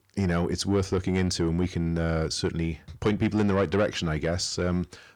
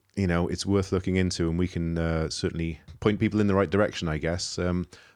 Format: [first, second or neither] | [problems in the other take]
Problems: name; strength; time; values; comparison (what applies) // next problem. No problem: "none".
second | distortion; slight; 10 dB below the speech